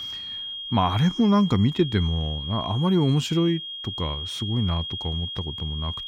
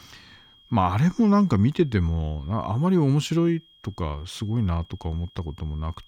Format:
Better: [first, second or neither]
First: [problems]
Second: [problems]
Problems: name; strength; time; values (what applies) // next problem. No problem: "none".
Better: second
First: high-pitched whine; loud; throughout; 3.5 kHz, 7 dB below the speech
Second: high-pitched whine; faint; throughout; 3.5 kHz, 30 dB below the speech